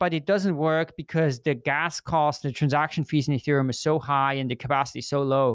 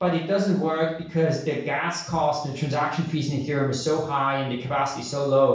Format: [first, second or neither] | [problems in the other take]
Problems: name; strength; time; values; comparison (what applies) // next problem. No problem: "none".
first | room echo; dies away in 0.7 s